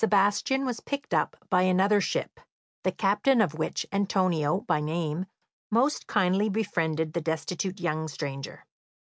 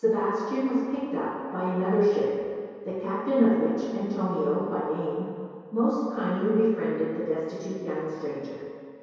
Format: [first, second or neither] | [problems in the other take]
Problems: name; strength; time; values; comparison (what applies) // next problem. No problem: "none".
first | room echo; dies away in 2.2 s